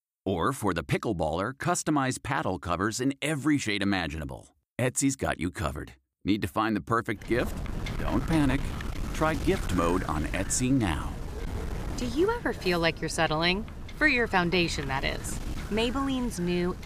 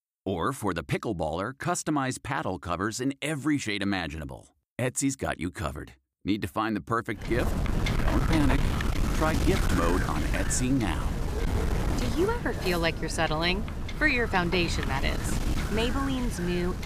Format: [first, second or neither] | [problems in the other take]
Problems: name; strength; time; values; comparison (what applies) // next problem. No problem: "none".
first | wind noise on the microphone; heavy; from 7 s on; 5 dB below the speech; occasional gusts in the first